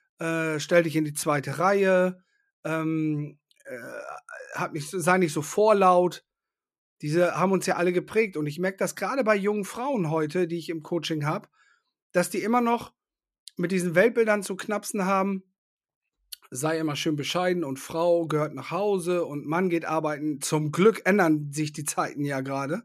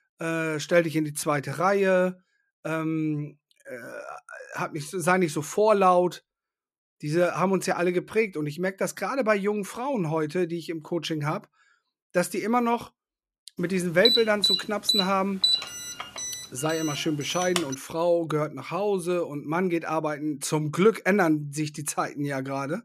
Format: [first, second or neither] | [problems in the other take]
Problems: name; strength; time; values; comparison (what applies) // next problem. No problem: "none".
first | alarm; loud; from 14 to 18 s; peak 5 dB above the speech